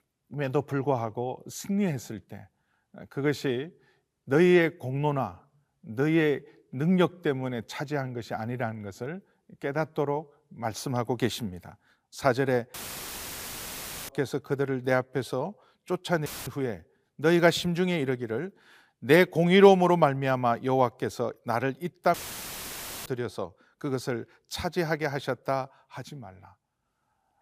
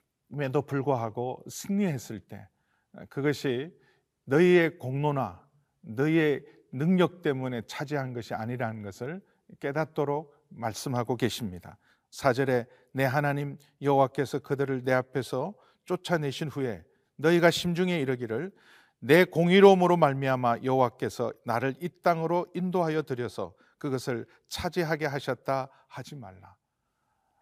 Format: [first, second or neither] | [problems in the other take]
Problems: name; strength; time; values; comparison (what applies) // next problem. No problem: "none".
second | audio cutting out; filled with static; at 13 s for 1.5 s, at 16 s and at 22 s for 1 s